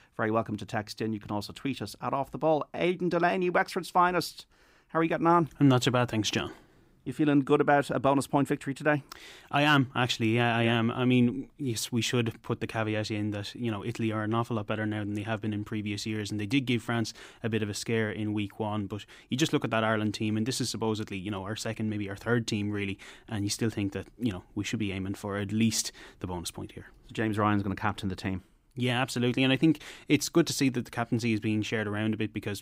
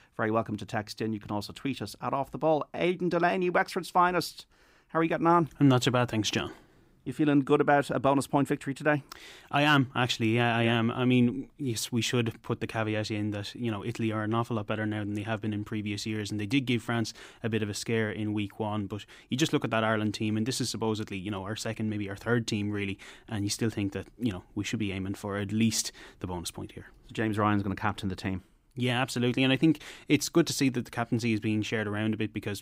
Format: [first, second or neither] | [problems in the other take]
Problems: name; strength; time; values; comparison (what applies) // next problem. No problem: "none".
neither | none